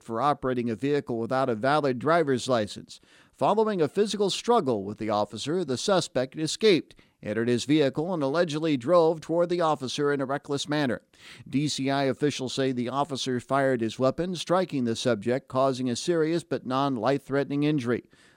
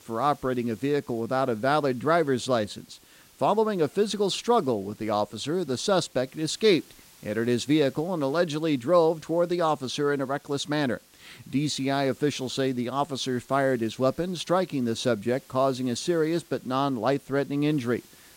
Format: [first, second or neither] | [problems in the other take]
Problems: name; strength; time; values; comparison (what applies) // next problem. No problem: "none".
first | hiss; faint; throughout; 25 dB below the speech